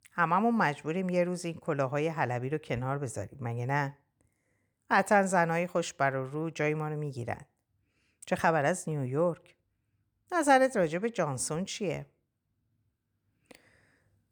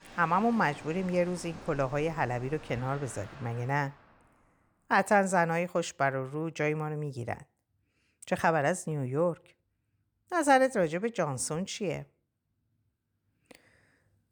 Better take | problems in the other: first | rain or running water; noticeable; until 3.5 s; 20 dB below the speech

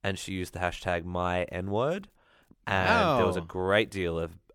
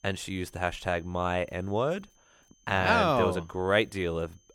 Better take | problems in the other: first | high-pitched whine; faint; throughout; 6.5 kHz, 35 dB below the speech

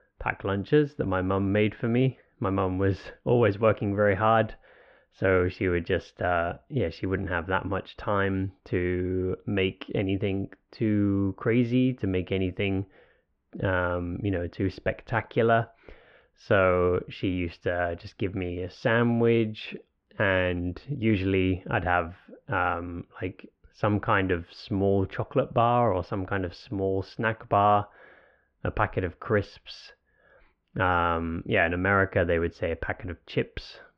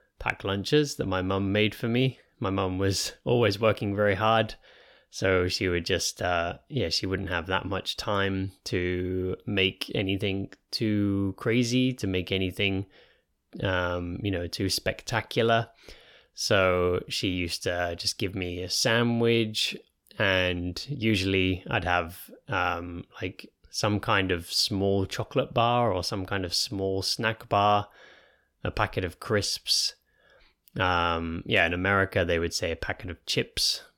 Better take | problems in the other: second | muffled; very; fading above 2 kHz

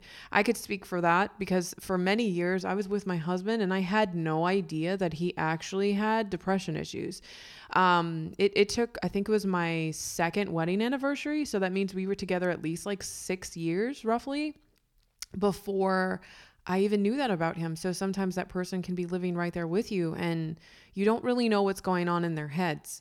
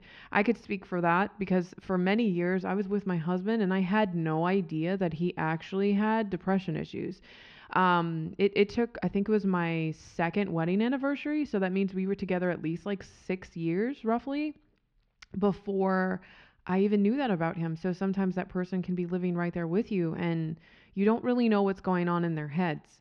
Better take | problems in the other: first | muffled; slightly; fading above 3.5 kHz

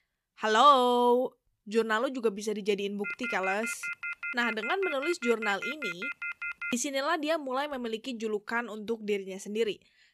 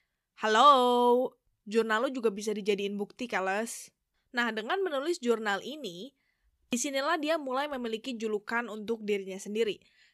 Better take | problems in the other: second | phone ringing; noticeable; from 3 to 6.5 s; peak 5 dB below the speech

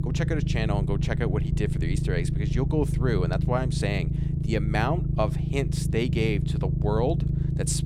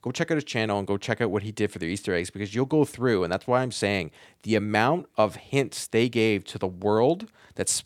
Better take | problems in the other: second | low rumble; loud; throughout; 7 dB below the speech

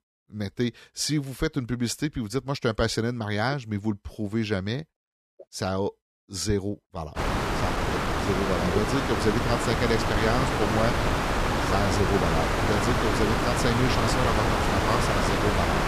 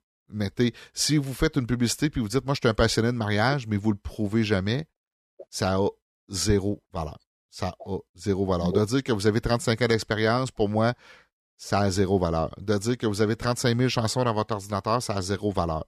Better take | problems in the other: second | wind noise on the microphone; heavy; from 7 s on; 4 dB above the speech

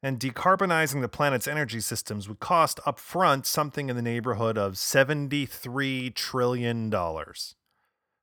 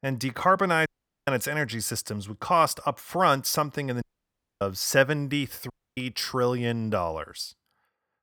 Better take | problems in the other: first | audio cutting out; at 1 s, at 4 s for 0.5 s and at 5.5 s

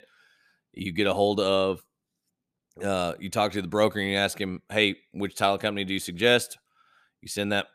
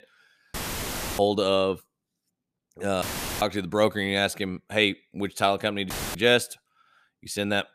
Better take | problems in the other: first | audio cutting out; filled with static; at 0.5 s for 0.5 s, at 3 s and at 6 s

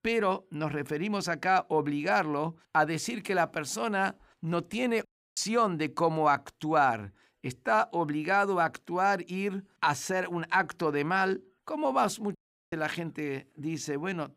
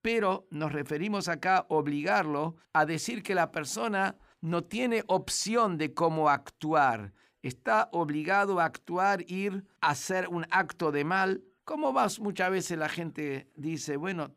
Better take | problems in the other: second | audio cutting out; at 5 s and at 12 s

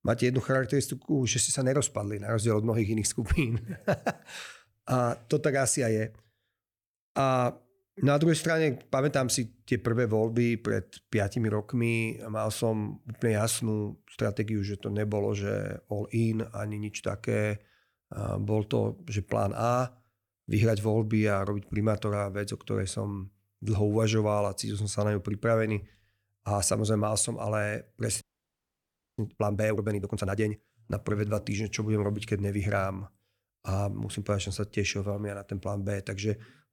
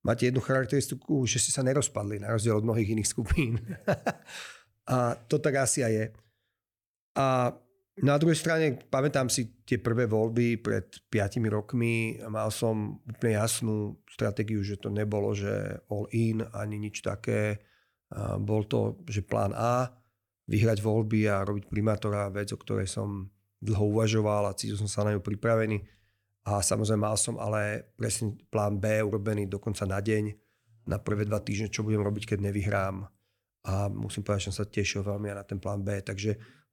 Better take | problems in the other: second | audio freezing; at 28 s for 1 s

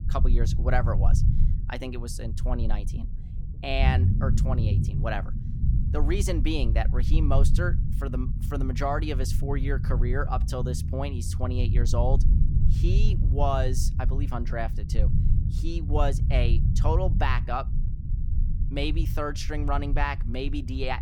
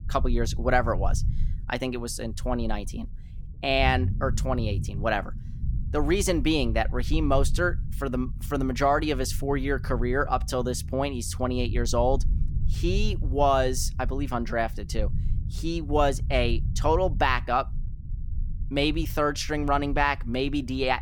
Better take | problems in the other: second | low rumble; loud; throughout; 10 dB below the speech; faint in the second

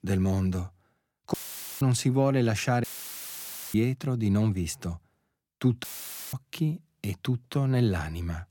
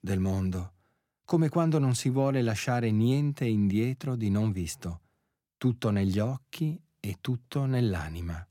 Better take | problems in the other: second | audio cutting out; filled with static; at 1.5 s, at 3 s for 1 s and at 6 s

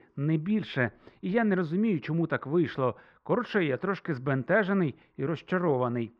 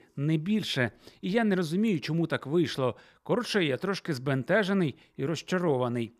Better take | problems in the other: second | muffled; very; fading above 2 kHz

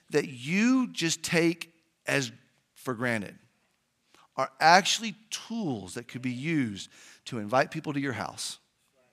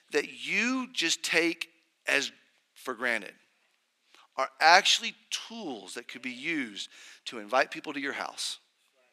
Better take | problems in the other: first | thin; somewhat; fading below 300 Hz

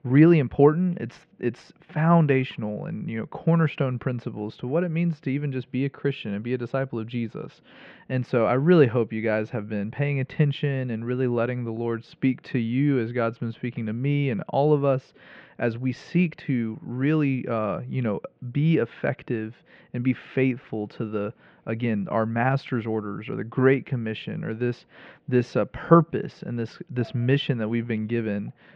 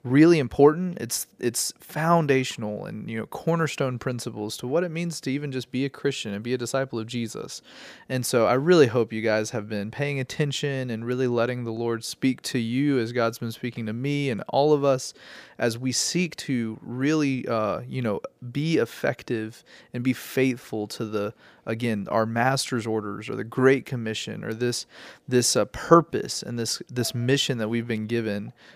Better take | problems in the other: second | muffled; very; fading above 2.5 kHz

